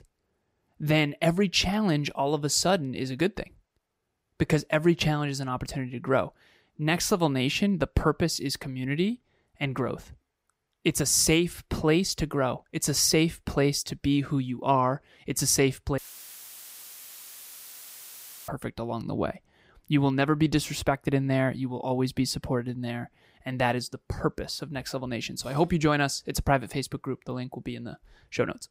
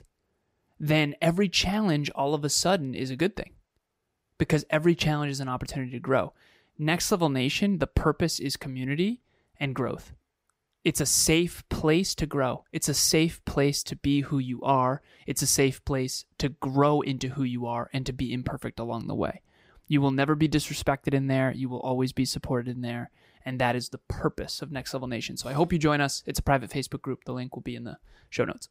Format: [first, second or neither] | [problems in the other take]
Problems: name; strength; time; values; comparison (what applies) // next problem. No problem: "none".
second | audio cutting out; filled with static; at 16 s for 2.5 s